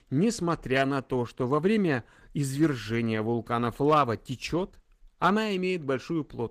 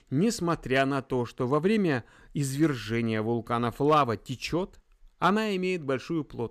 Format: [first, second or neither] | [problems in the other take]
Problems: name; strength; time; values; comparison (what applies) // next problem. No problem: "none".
second | garbled, watery; slightly; nothing above 15 kHz